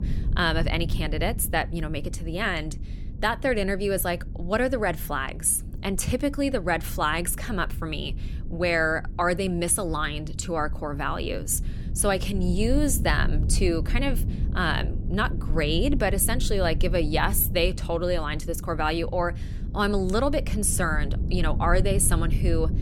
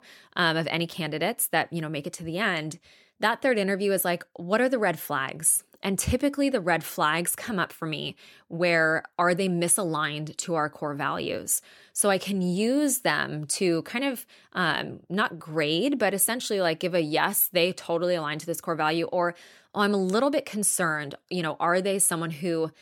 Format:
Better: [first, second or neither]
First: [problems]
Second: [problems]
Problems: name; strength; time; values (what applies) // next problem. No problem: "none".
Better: second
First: low rumble; noticeable; throughout; 20 dB below the speech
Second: none